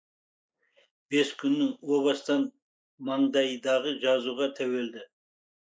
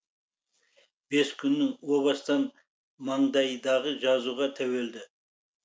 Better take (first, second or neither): second